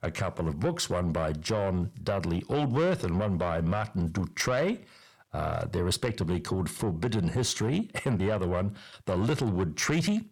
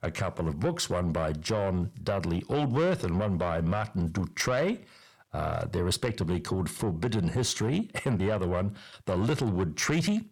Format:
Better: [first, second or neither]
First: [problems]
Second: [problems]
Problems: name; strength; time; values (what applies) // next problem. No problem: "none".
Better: neither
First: distortion; slight; 10 dB below the speech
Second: distortion; slight; 10 dB below the speech